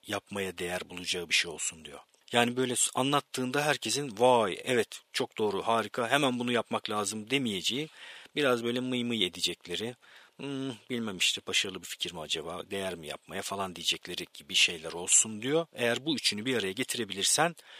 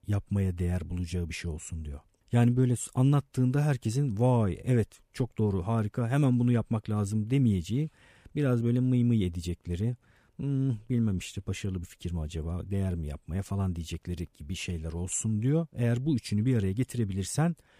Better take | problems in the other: second | thin; very; fading below 550 Hz

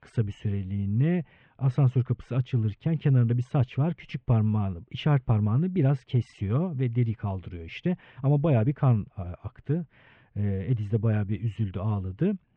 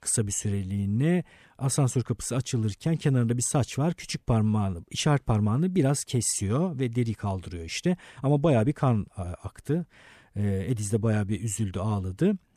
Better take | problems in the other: second | muffled; very; fading above 3 kHz

